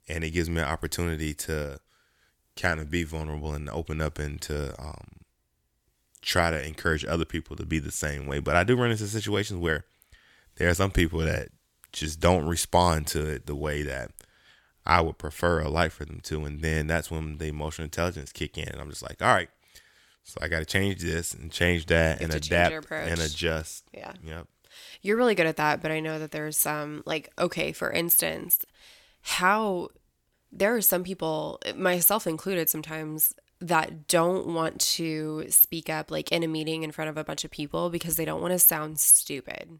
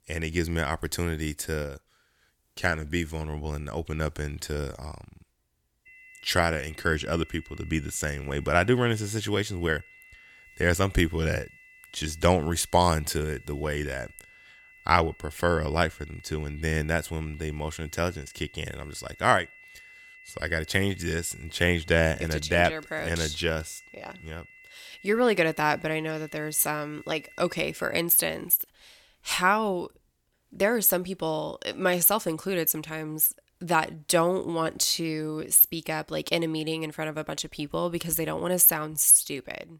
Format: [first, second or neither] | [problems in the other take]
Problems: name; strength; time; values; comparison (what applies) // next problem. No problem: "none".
first | high-pitched whine; faint; from 6 to 28 s; 2 kHz, 25 dB below the speech